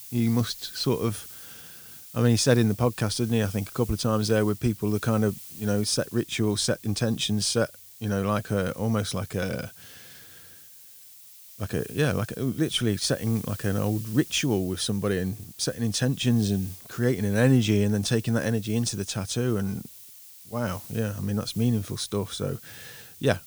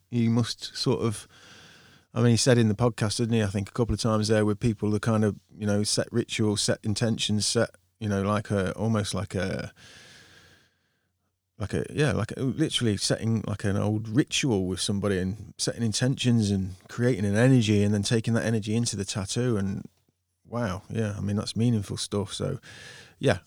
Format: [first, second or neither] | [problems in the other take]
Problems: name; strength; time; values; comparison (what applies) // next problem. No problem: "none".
second | hiss; noticeable; throughout; 15 dB below the speech